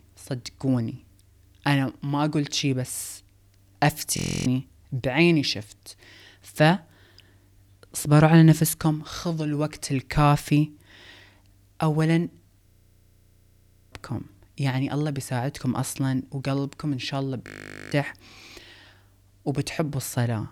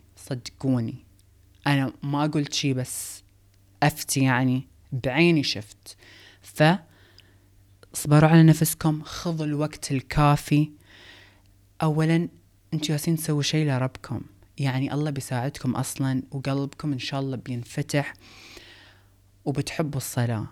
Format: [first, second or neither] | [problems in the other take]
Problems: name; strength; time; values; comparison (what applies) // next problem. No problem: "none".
second | audio freezing; at 4 s, at 13 s for 1.5 s and at 17 s